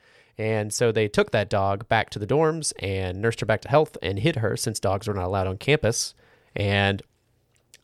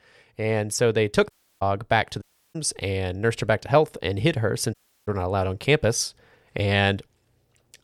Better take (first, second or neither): first